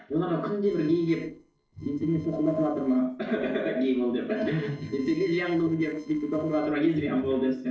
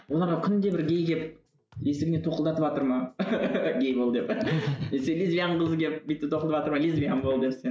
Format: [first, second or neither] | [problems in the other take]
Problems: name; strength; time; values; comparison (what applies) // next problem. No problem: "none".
second | noise reduction (neural separator model SepFormer DNS4)